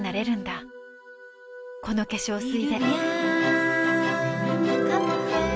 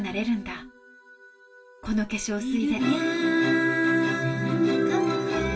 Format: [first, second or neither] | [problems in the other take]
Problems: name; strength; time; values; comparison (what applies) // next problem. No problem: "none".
first | room echo; dies away in 0.2 s